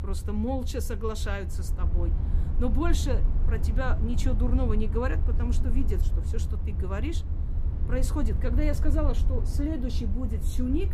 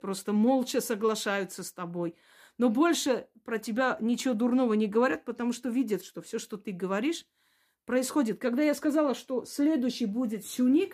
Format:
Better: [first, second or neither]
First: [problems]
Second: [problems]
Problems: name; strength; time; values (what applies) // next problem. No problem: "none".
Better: second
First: low rumble; loud; throughout; 10 dB below the speech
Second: none